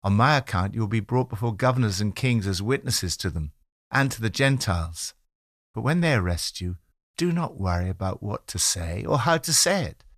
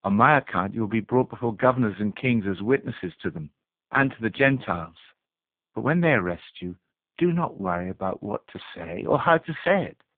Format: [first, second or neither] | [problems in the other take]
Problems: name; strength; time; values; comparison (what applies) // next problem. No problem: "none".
first | phone-call audio; poor line